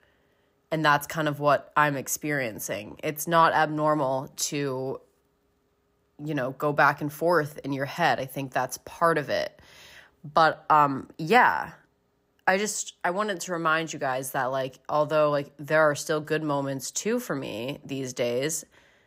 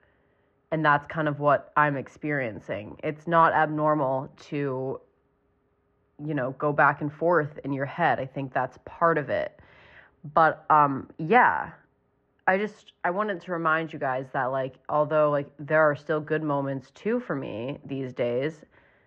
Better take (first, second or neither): first